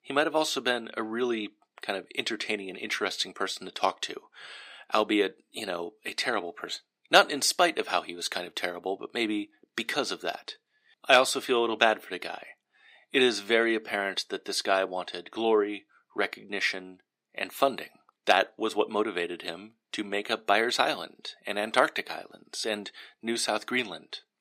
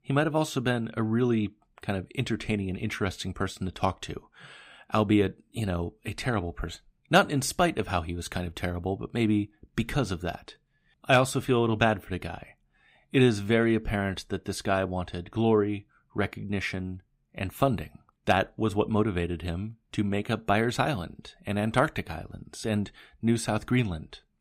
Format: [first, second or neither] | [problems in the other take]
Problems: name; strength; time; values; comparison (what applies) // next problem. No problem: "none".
second | thin; somewhat; fading below 350 Hz